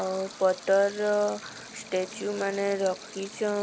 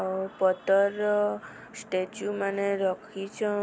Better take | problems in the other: second | background sound (Stream); 18 dB below the speech

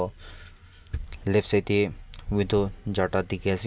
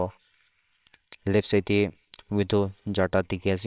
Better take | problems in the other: first | noise reduction (neural separator model SepFormer WHAMR!)

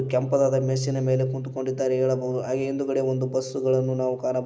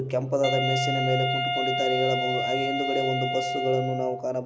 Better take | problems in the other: first | background sound (Wind instrument, woodwind instrument); 1 dB below the speech

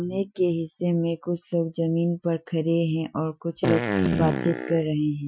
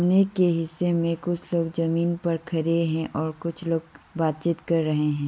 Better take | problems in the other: second | noise reduction (classical method Wiener filter)

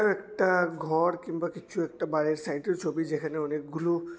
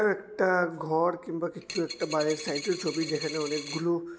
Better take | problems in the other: first | background sound (Coin (dropping)); 10 dB below the speech

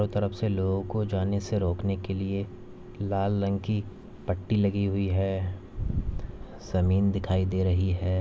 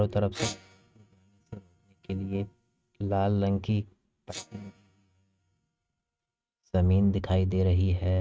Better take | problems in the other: first | noise reduction (neural mask model RNNoise)

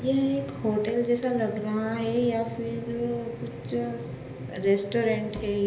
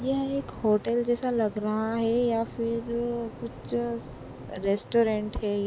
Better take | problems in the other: second | room echo; dies away in 1.4 s

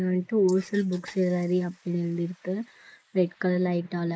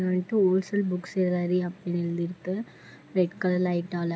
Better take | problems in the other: second | noise reduction (neural mask model Resemble Enhance denoiser)

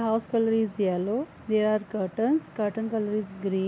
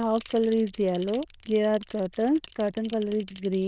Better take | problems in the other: first | noise reduction (neural diffusion model UNIVERSE++)

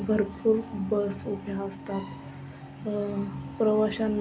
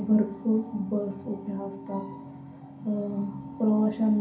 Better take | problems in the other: first | room echo; dies away in 0.5 s

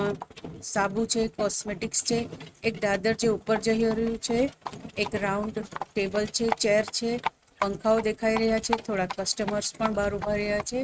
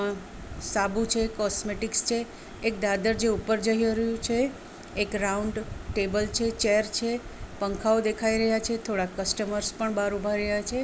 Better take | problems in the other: second | noise reduction (neural mask model RNNoise)

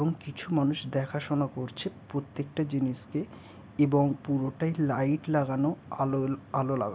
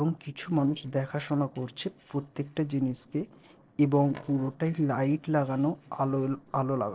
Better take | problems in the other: first | noise reduction (neural separator model SepFormer DNS4)

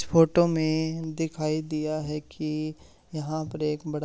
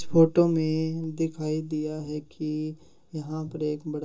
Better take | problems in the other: first | room echo; dies away in 0.2 s

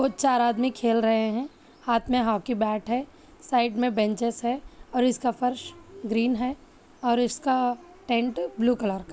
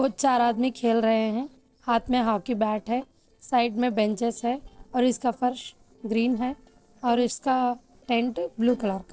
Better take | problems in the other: first | noise reduction (neural separator model SepFormer DNS4)

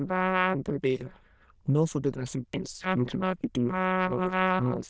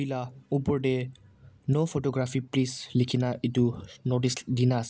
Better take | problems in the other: second | noise reduction (neural diffusion model UNIVERSE++)

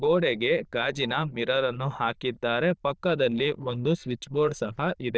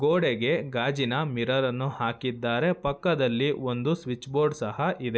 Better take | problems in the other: second | noise reduction (neural diffusion model UNIVERSE++)

